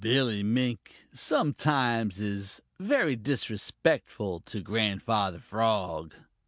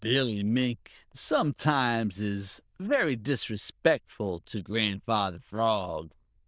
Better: first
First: none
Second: noise reduction (neural diffusion model UNIVERSE++)

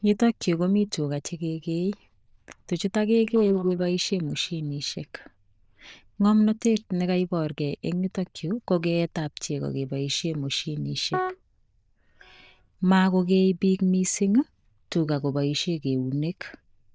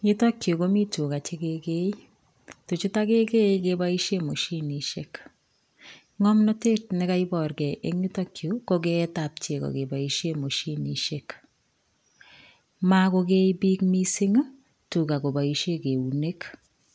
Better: second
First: noise reduction (neural diffusion model UNIVERSE++)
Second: none

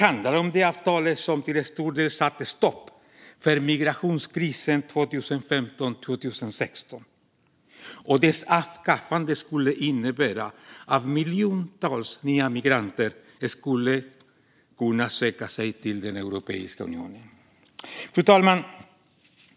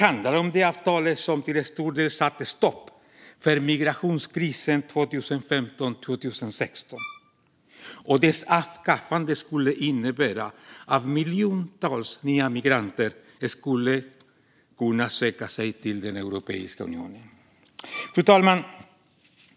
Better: first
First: none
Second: background sound (Bowed string instrument); 16 dB below the speech

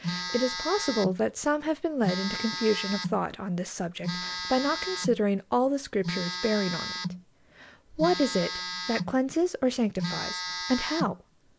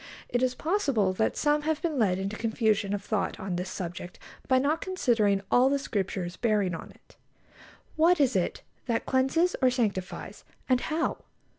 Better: second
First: background sound (Telephone); 7 dB below the speech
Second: none

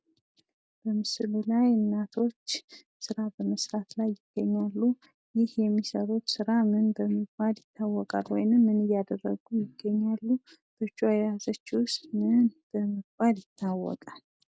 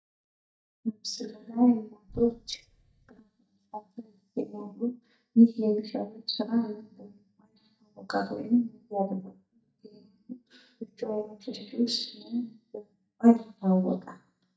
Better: first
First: none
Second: noise reduction (neural mask model DeepFilterNet 3)

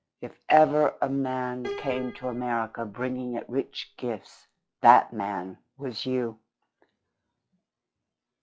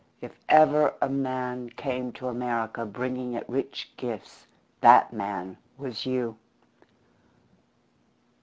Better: second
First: noise reduction (classical method log-MMSE)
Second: none

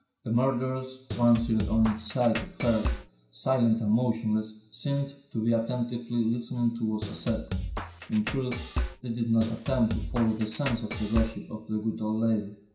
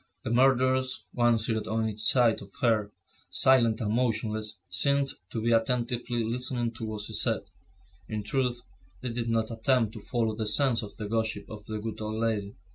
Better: second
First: background sound (Drum kit); 6 dB below the speech // room echo; dies away in 0.5 s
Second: none

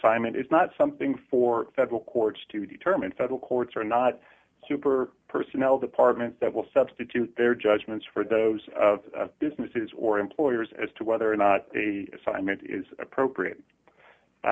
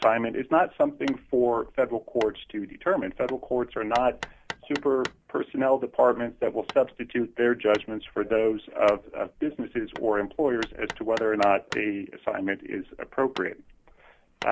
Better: first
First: none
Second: background sound (Hammer); 17 dB below the speech

